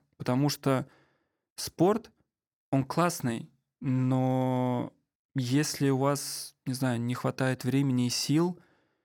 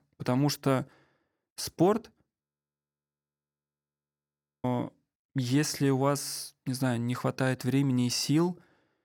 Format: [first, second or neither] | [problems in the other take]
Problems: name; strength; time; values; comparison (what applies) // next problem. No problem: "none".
first | audio freezing; at 2.5 s for 2 s